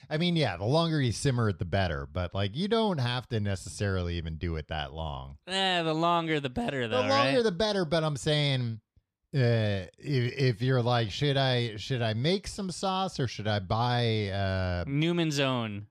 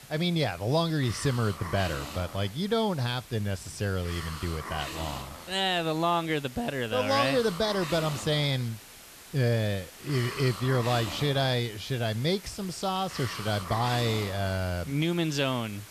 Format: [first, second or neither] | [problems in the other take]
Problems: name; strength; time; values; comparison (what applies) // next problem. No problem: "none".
first | hiss; noticeable; throughout; 10 dB below the speech